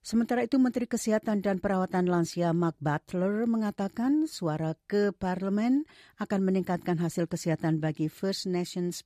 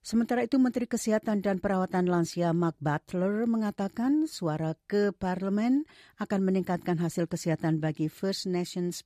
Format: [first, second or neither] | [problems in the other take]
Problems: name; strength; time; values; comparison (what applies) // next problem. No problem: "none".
neither | none